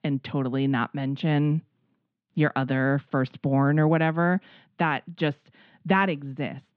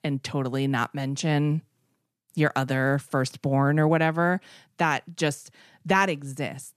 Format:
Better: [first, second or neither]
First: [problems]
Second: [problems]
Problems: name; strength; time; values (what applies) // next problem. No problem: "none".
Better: second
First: muffled; very; fading above 3.5 kHz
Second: none